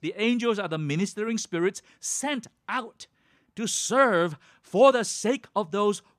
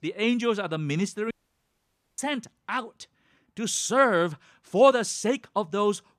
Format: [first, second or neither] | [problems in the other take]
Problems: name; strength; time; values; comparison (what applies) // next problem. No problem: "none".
first | audio cutting out; at 1.5 s for 1 s